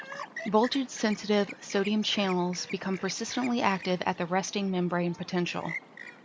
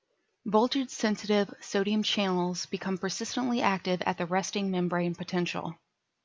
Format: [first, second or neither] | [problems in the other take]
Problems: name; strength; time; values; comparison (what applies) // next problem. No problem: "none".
second | background sound (Chirp, tweet); 15 dB below the speech